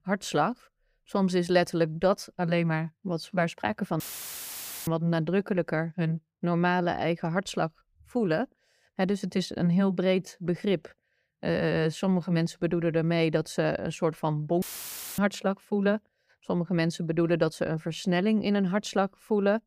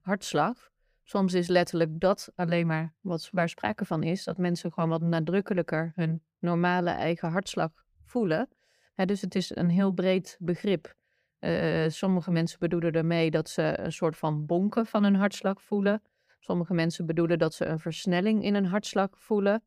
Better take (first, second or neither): second